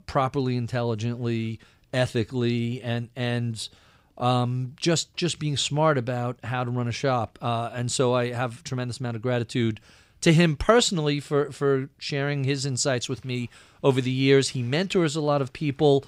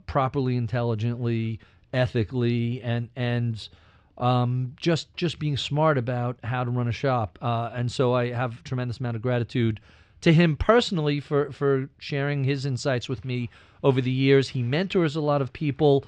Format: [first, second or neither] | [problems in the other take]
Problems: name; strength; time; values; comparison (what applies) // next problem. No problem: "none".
first | muffled; slightly; fading above 3.5 kHz